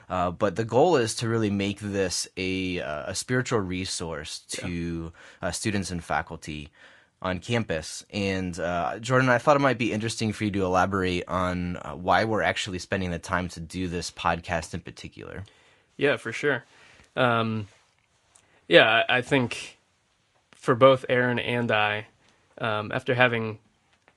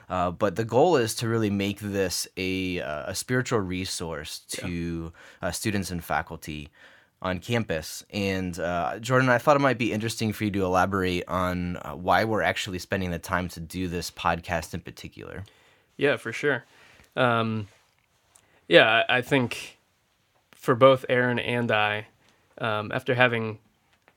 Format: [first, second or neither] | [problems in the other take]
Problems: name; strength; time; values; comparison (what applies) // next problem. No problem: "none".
second | garbled, watery; slightly; nothing above 10.5 kHz